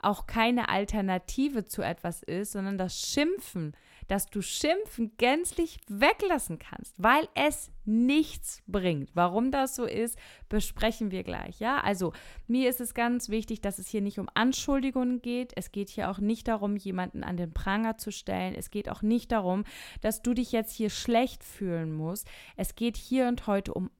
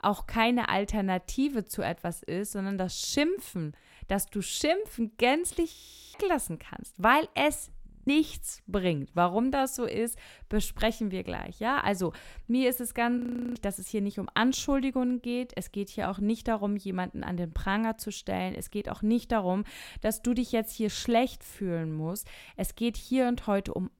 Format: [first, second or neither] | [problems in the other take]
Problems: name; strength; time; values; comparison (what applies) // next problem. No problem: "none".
first | audio freezing; at 5.5 s, at 8 s and at 13 s